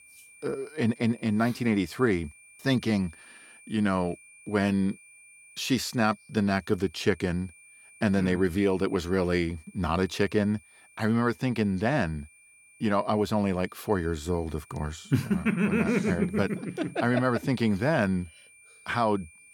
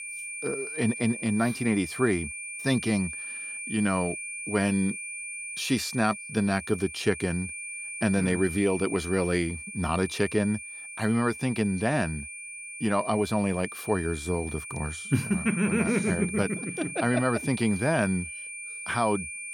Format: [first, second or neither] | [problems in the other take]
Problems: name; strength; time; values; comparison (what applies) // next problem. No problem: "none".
first | high-pitched whine; loud; throughout; 2.5 kHz, 8 dB below the speech; faint in the first